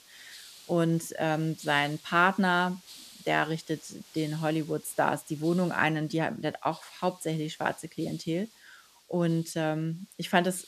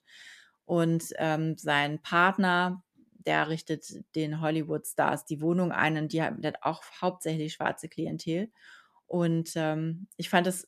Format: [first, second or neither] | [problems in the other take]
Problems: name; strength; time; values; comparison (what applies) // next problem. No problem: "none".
second | hiss; faint; throughout; 20 dB below the speech